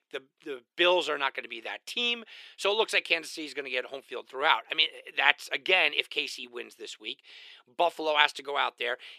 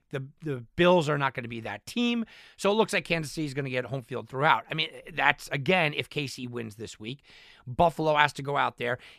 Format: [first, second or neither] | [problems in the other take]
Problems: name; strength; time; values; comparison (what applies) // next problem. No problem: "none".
second | thin; very; fading below 350 Hz